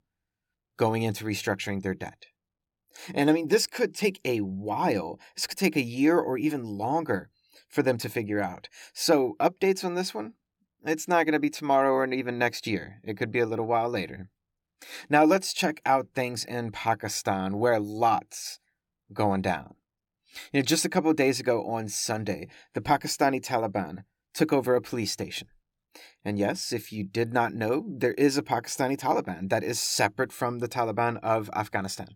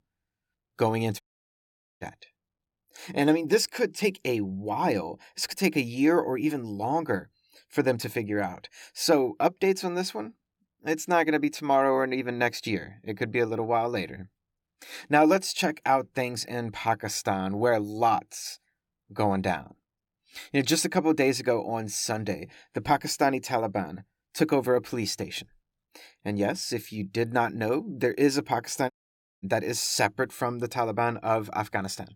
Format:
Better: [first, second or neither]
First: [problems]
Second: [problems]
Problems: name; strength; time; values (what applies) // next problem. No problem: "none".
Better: first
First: none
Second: audio cutting out; at 1 s for 1 s and at 29 s for 0.5 s